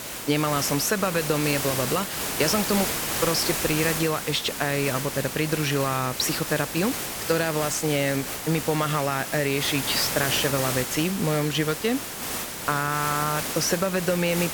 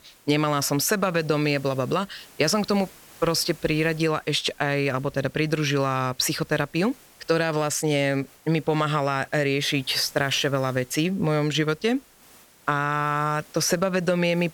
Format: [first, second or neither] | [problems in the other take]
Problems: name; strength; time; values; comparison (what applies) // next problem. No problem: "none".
second | hiss; loud; throughout; 3 dB below the speech; faint in the second